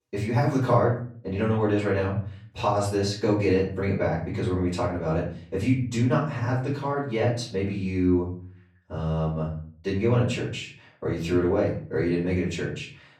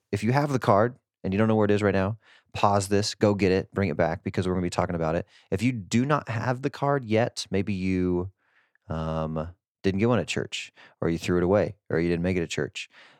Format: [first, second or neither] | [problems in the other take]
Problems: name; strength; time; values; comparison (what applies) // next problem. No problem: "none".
second | off-mic speech; far // room echo; slight; dies away in 0.5 s